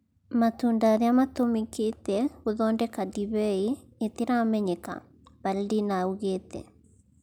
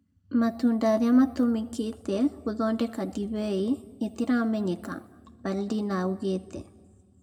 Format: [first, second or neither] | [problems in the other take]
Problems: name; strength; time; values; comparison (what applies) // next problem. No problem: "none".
first | room echo; dies away in 1 s